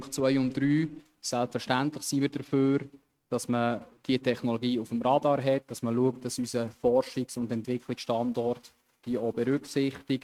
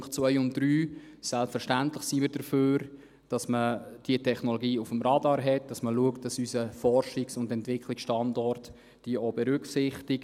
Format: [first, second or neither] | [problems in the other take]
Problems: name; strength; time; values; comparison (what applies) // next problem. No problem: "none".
second | noise reduction (neural mask model RNNoise)